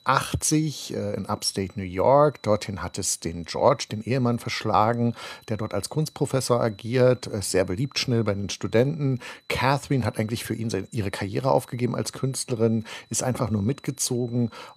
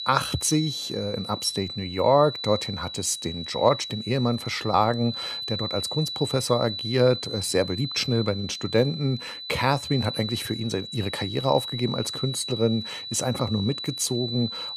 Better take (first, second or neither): first